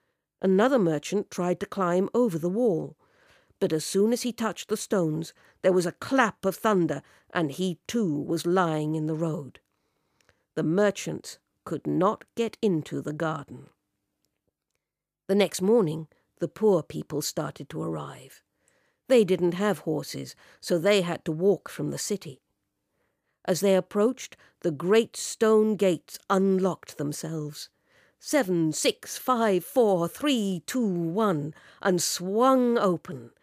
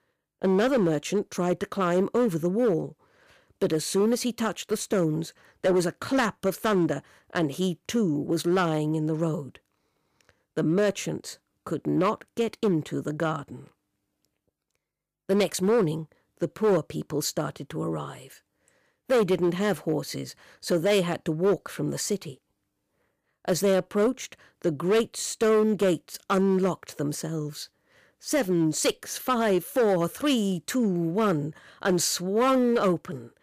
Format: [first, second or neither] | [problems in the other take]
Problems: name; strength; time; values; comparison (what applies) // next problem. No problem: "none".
first | distortion; slight; 5% of the sound clipped